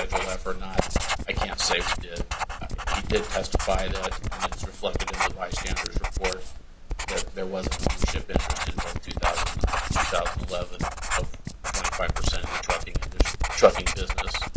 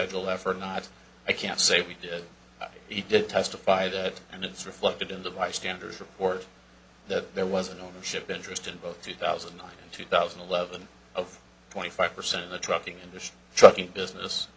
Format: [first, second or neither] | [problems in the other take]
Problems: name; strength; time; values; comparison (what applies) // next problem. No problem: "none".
second | background sound (Writing); 4 dB above the speech